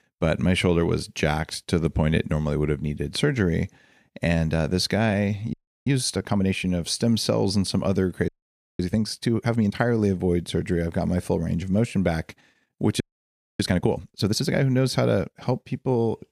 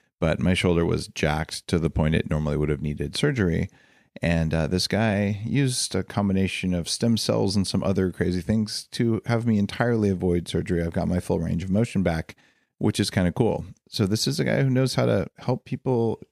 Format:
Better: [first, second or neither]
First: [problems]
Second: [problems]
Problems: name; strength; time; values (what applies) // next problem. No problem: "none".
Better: second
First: audio freezing; at 5.5 s, at 8.5 s for 0.5 s and at 13 s for 0.5 s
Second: none